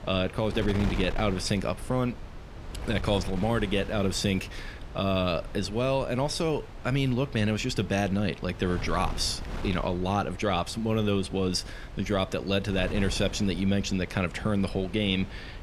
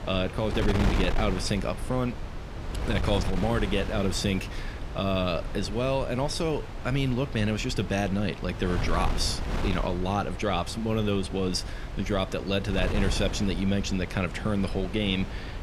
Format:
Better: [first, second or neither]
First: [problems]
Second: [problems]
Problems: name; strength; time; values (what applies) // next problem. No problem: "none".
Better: first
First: wind noise on the microphone; occasional gusts; 15 dB below the speech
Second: wind noise on the microphone; heavy; 9 dB below the speech